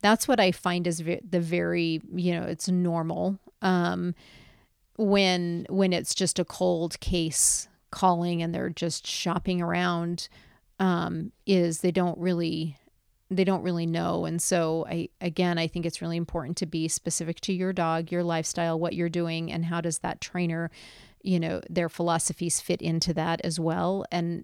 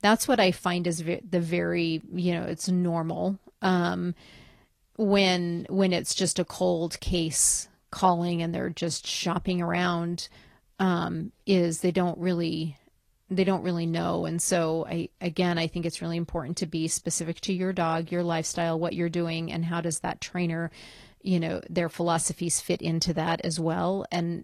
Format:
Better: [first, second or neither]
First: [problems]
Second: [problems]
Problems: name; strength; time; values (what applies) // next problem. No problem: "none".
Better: first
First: none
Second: garbled, watery; slightly